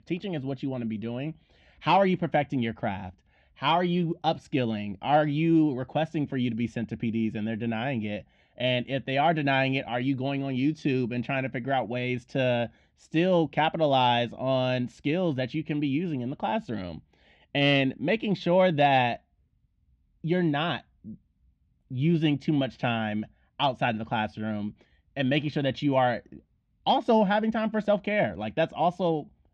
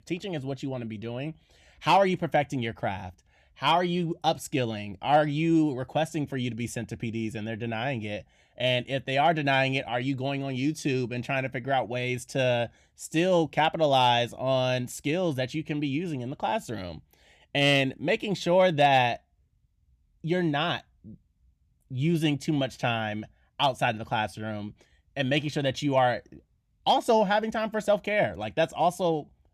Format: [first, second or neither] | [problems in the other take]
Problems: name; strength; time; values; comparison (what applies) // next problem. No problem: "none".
second | muffled; very slightly; fading above 4 kHz